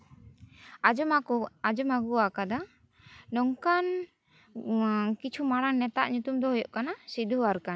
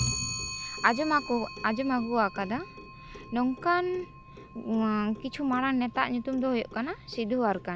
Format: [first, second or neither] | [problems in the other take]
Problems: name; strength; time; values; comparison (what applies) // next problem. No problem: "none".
first | background sound (Clock); 11 dB below the speech